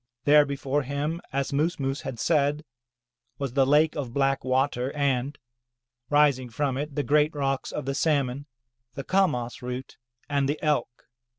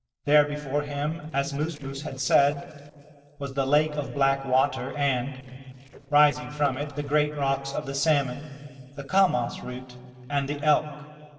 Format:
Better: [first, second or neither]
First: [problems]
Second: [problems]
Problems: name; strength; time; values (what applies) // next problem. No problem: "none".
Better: first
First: none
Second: noise reduction (neural separator model SepFormer DNS4)